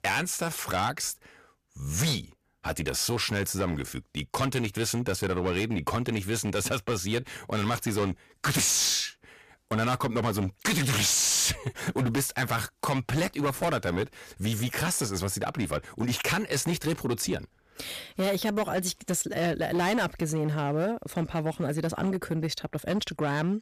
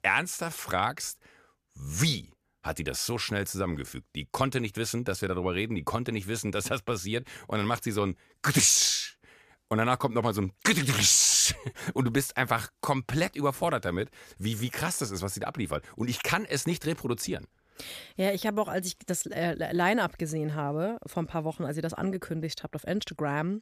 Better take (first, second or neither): second